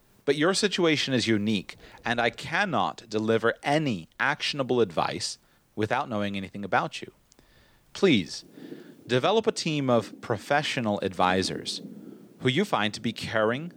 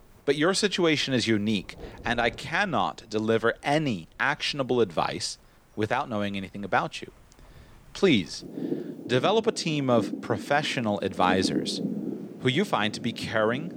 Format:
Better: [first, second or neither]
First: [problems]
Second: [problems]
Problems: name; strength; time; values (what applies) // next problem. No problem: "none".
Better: first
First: rain or running water; faint; throughout; 20 dB below the speech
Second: rain or running water; loud; throughout; 9 dB below the speech